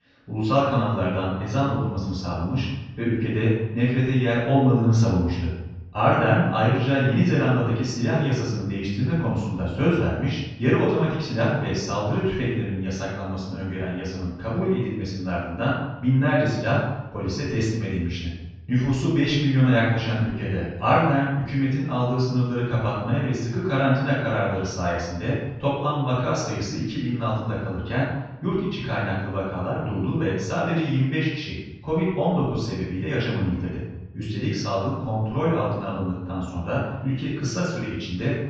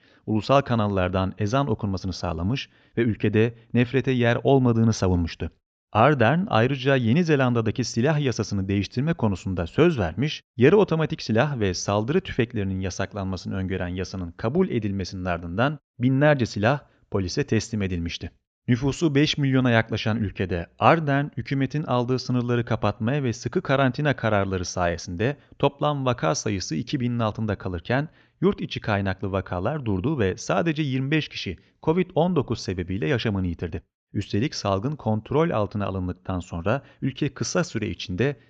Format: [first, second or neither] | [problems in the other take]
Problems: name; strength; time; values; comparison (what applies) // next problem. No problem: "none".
second | off-mic speech; far // room echo; noticeable; dies away in 0.9 s